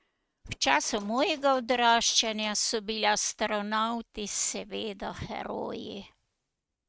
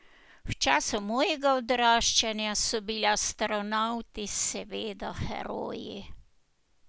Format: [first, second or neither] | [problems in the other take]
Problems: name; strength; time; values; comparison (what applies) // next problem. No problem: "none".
second | noise reduction (neural mask model RNNoise)